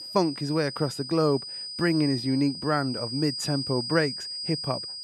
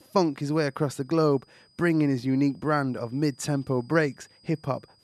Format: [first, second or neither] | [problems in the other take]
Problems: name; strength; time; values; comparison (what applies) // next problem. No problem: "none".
second | high-pitched whine; loud; throughout; 5 kHz, 6 dB below the speech; faint in the second